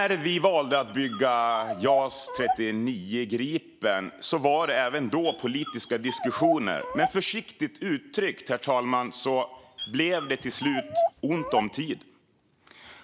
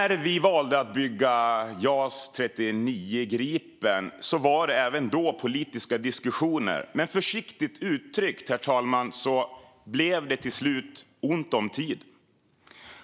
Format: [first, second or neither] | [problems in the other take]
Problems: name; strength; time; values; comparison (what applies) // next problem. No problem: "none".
second | background sound (Dog); 7 dB below the speech